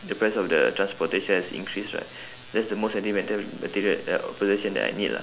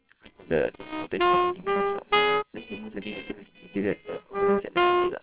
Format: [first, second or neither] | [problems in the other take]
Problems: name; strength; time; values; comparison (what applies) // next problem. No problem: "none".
first | noise reduction (neural separator model SepFormer WHAMR!)